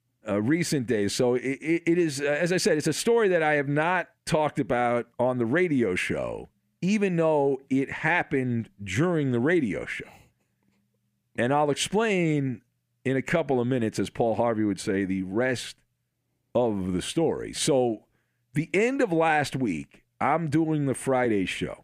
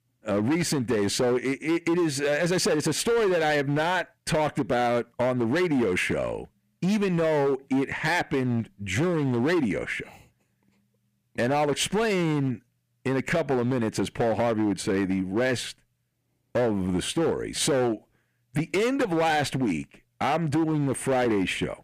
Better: first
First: none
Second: distortion; slight; 15% of the sound clipped

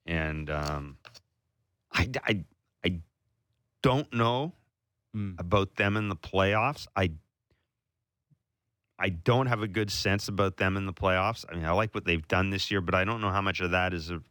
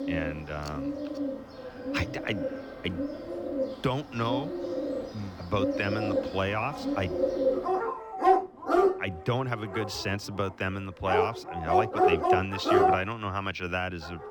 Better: first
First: none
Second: animal sounds; very loud; throughout; 3 dB above the speech

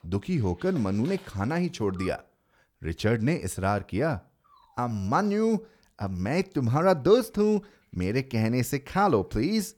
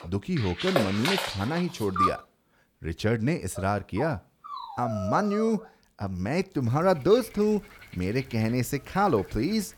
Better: first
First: animal sounds; faint; throughout; 25 dB below the speech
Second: animal sounds; loud; throughout; 4 dB below the speech

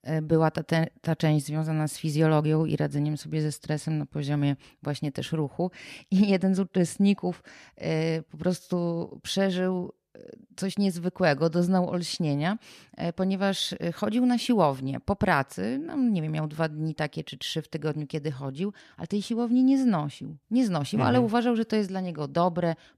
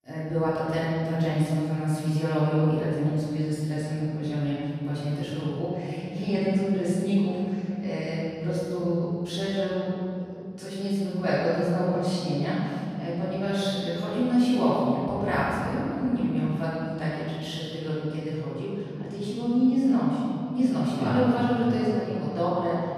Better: first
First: none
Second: off-mic speech; far // room echo; strong; dies away in 3 s

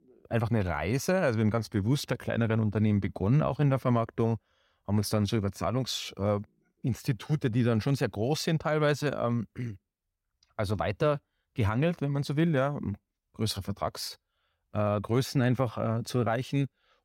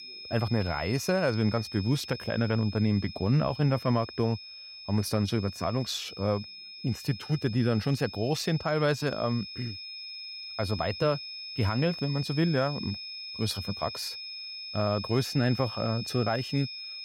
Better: first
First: none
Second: high-pitched whine; loud; throughout; 5 kHz, 10 dB below the speech

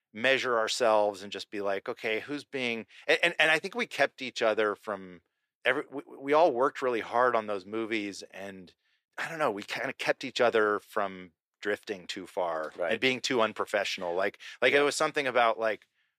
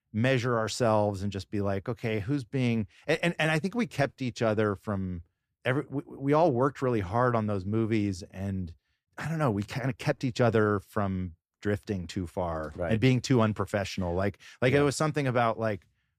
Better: second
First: thin; somewhat; fading below 500 Hz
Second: none

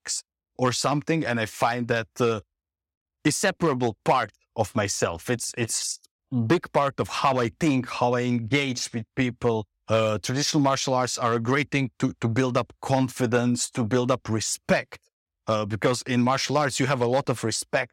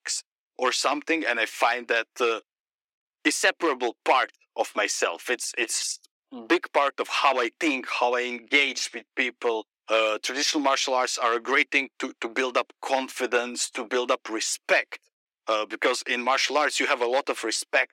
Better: first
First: none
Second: thin; somewhat; fading below 300 Hz

